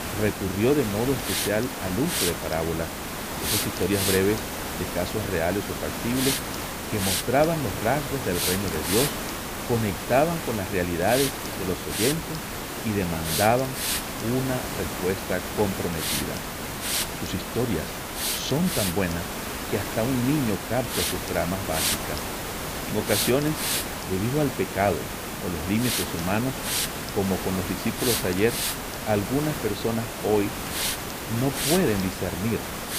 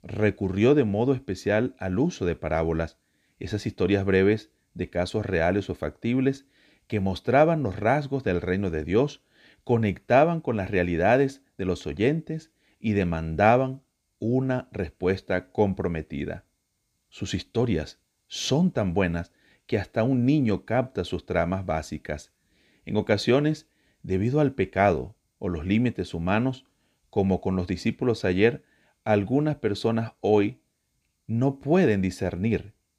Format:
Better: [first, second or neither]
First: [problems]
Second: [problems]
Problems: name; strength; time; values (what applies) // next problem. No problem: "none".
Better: second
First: hiss; loud; throughout; 1 dB below the speech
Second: none